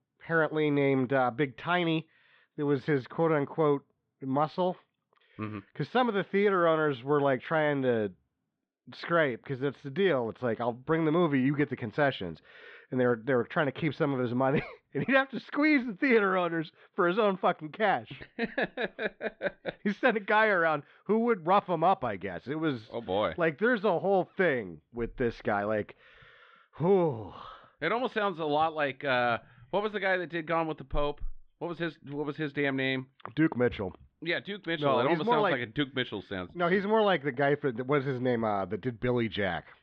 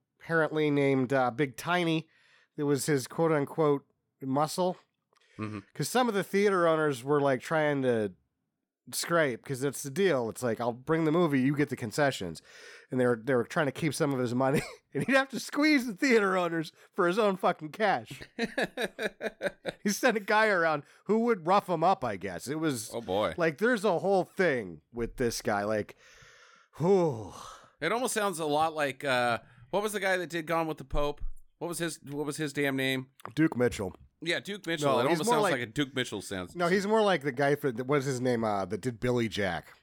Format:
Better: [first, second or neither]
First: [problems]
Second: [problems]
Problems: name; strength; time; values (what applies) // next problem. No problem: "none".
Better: second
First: muffled; very; fading above 3.5 kHz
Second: none